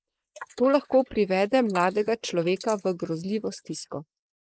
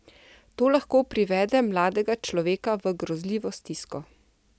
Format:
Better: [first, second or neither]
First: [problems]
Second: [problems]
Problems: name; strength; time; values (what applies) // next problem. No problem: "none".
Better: second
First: noise reduction (neural mask model Resemble Enhance denoiser)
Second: none